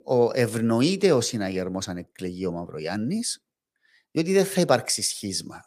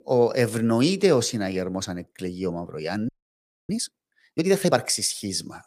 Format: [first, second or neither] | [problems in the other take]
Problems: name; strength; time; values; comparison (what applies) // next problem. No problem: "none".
first | audio freezing; at 3 s for 0.5 s